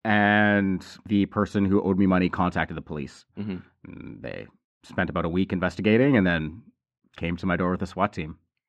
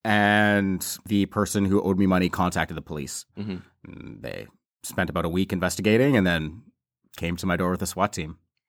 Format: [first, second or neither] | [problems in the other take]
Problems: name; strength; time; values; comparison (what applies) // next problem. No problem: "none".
second | muffled; slightly; fading above 2.5 kHz